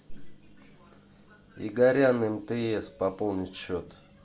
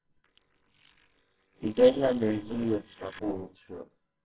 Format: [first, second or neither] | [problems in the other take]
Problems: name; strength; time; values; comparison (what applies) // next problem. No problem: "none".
first | noise reduction (neural separator model SepFormer WHAMR!)